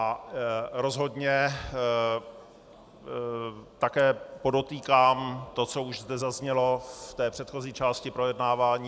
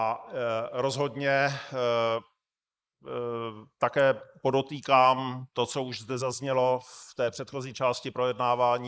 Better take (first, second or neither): first